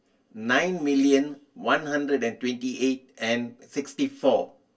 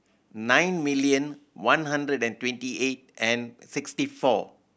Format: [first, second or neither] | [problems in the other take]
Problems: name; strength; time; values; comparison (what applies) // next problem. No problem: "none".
second | room echo; dies away in 0.1 s